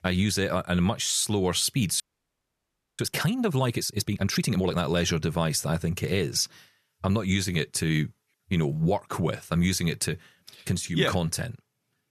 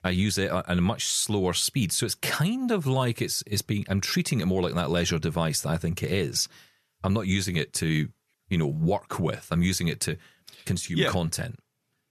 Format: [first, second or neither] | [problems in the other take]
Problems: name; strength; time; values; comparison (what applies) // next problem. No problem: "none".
second | audio freezing; at 2 s for 1 s